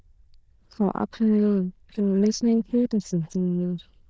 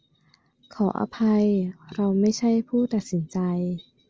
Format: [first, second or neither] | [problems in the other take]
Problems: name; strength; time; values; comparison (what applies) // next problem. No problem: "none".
second | noise reduction (neural diffusion model UNIVERSE++)